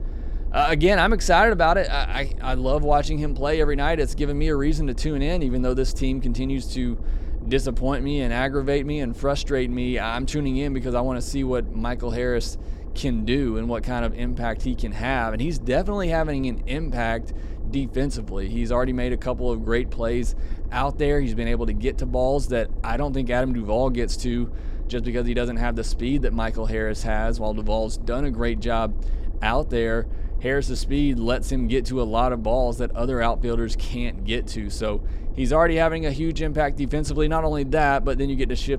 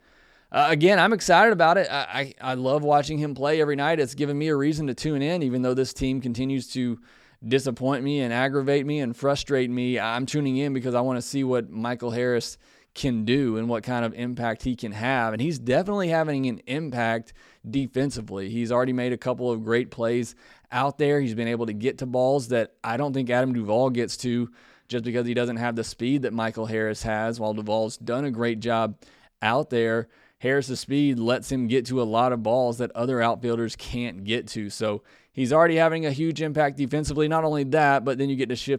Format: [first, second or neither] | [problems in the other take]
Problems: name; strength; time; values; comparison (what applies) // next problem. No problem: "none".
second | low rumble; faint; throughout; 20 dB below the speech